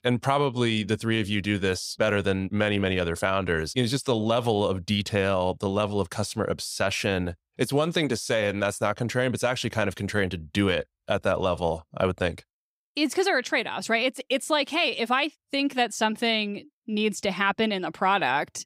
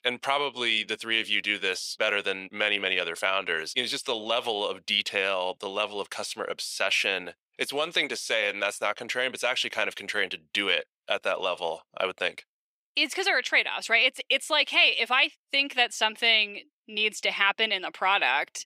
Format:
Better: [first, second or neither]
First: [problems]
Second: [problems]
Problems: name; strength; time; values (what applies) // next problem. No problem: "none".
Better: first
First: none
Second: thin; somewhat; fading below 450 Hz